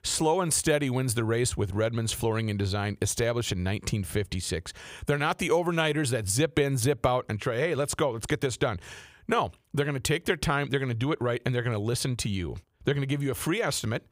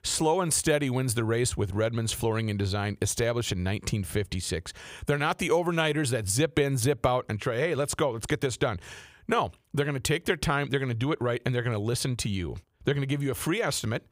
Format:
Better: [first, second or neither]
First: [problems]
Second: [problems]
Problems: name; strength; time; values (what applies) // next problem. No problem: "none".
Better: neither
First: none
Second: none